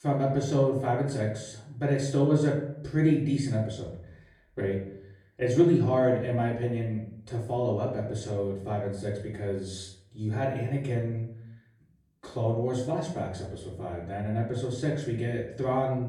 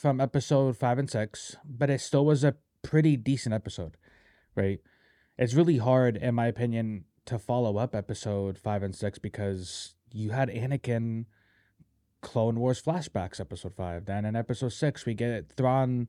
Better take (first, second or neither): second